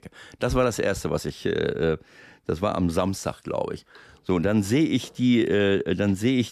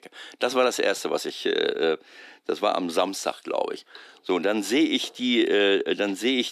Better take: first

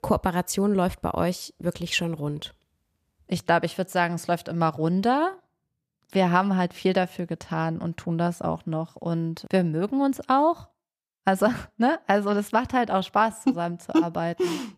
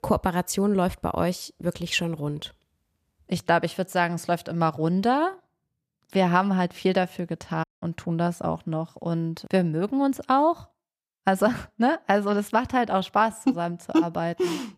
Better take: first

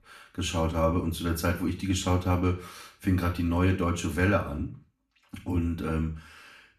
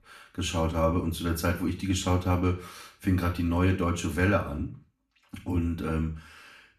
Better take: neither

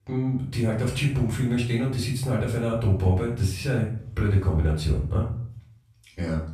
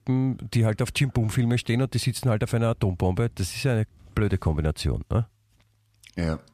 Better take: second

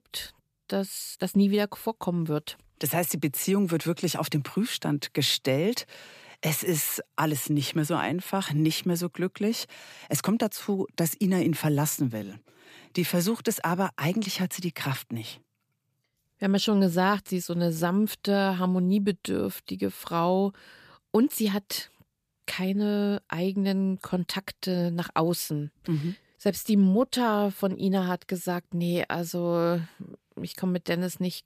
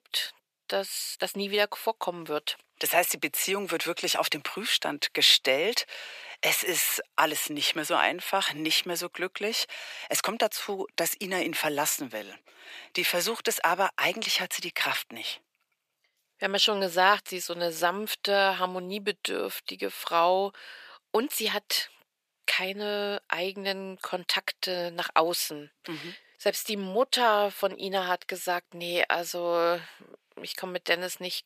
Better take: first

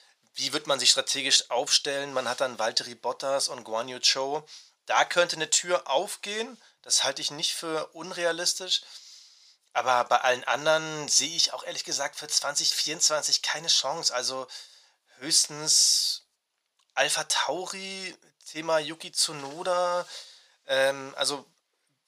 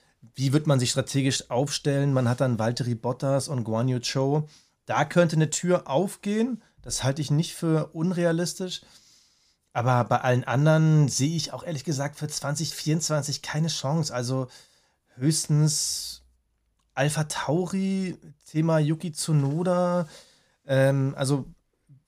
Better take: second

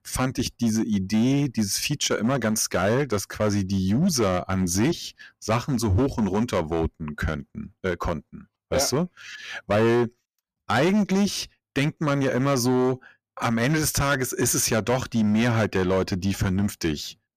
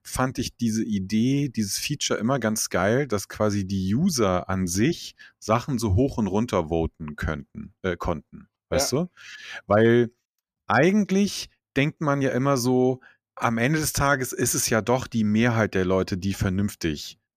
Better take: second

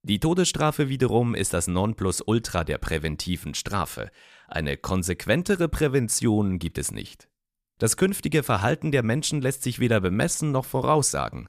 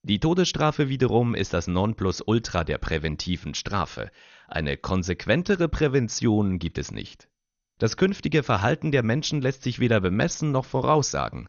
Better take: first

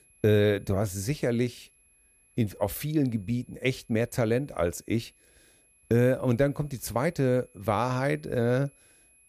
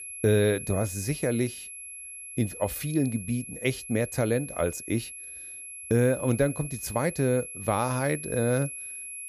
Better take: first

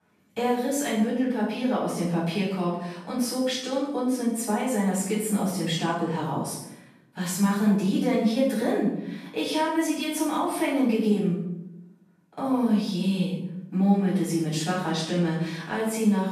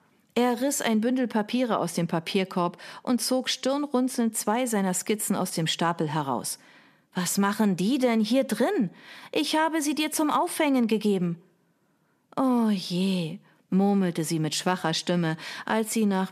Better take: second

